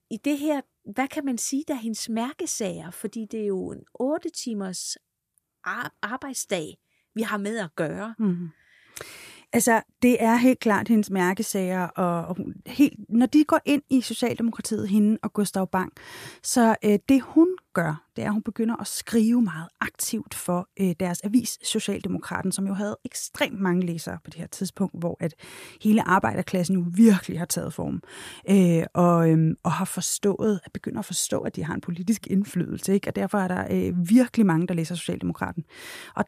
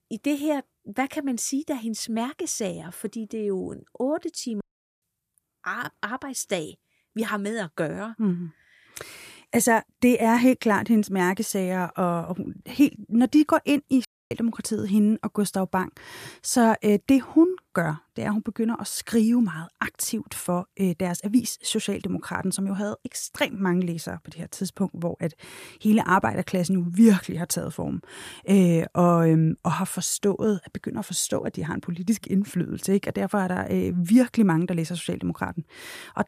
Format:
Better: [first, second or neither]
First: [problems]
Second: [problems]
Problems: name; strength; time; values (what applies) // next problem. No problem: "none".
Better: first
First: none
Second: audio cutting out; at 4.5 s and at 14 s